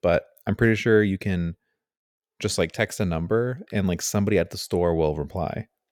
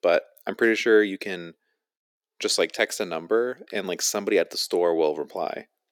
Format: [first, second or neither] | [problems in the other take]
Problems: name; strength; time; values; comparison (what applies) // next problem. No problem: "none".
first | thin; somewhat; fading below 300 Hz